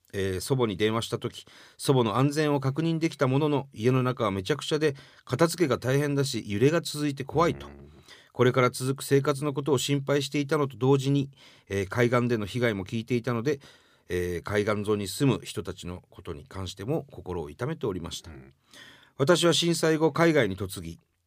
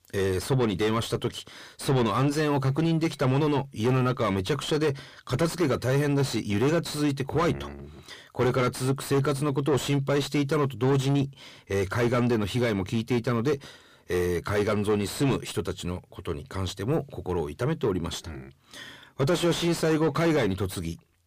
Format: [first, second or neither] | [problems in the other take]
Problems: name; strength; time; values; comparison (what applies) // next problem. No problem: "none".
first | distortion; heavy; 7 dB below the speech